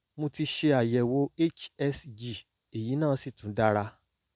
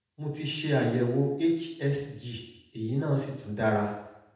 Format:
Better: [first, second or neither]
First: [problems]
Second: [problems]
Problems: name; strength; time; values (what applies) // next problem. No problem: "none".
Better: first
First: none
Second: room echo; dies away in 0.9 s